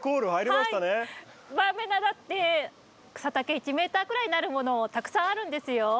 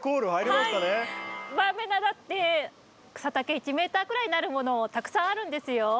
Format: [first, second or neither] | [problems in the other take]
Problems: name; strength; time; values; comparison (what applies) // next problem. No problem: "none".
first | background sound (Plucked string instrument); 9 dB below the speech